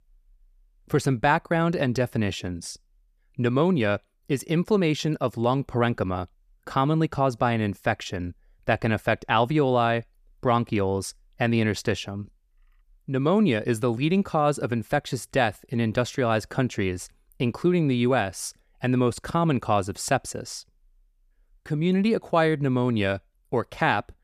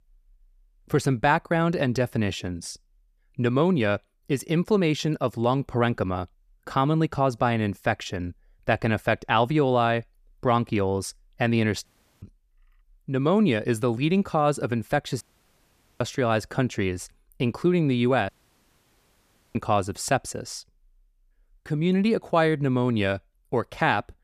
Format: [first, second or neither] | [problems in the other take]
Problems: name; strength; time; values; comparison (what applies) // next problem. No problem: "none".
first | audio cutting out; at 12 s, at 15 s for 1 s and at 18 s for 1.5 s